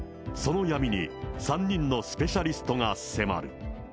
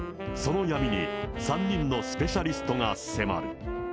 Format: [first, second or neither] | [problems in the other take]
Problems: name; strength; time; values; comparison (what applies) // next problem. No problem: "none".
first | background sound (Wind instrument, woodwind instrument); 6 dB below the speech